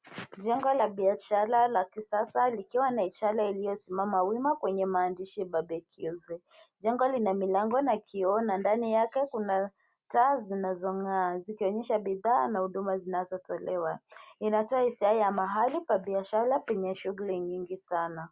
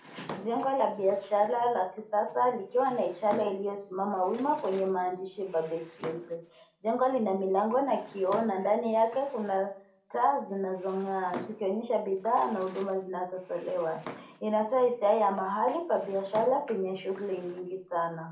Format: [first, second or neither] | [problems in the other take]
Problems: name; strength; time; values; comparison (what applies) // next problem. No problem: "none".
first | background sound (Drawer open or close); 19 dB below the speech // room echo; dies away in 0.4 s